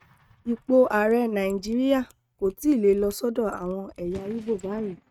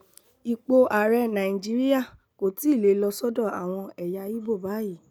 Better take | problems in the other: second | noise reduction (neural mask model RNNoise)

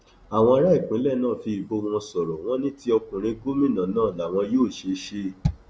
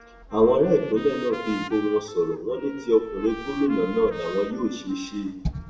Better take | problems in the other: first | background sound (Trumpet); 16 dB below the speech // room echo; dies away in 0.7 s

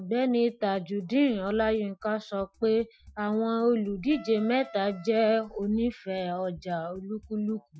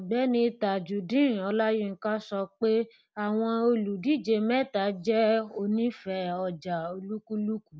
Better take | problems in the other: second | noise reduction (classical method Wiener filter)

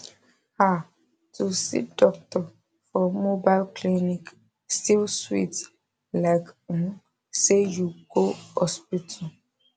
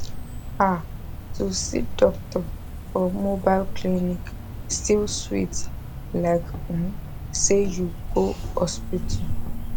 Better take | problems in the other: first | background sound (Cricket); 4 dB below the speech

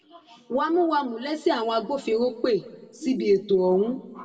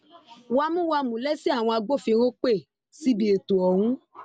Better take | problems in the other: second | room echo; dies away in 1.1 s

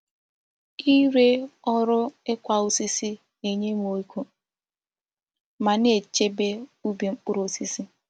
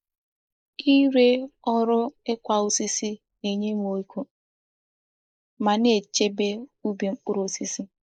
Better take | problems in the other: first | noise reduction (neural mask model Resemble Enhance denoiser)

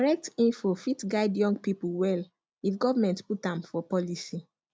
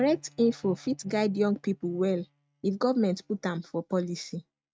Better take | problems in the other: first | noise reduction (neural mask model RNNoise)

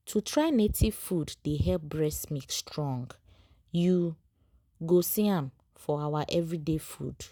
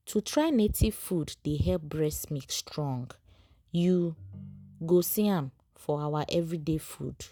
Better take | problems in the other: first | background sound (Ringtone); 20 dB below the speech

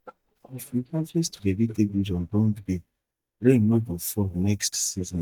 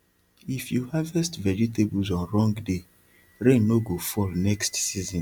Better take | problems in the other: second | noise reduction (neural mask model DeepFilterNet 3)

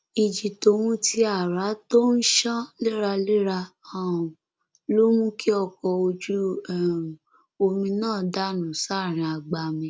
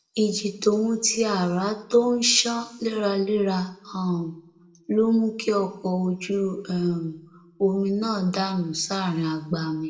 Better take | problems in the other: first | room echo; dies away in 0.6 s

